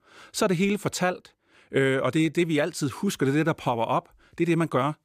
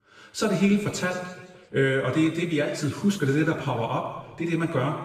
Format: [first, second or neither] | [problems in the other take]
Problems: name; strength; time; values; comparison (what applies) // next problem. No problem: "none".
first | room echo; noticeable; dies away in 1.2 s // off-mic speech; far